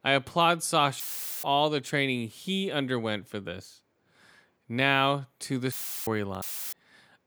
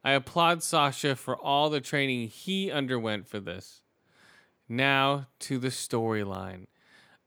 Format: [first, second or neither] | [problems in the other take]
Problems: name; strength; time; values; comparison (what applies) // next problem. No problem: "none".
second | audio cutting out; filled with static; at 1 s, at 5.5 s and at 6.5 s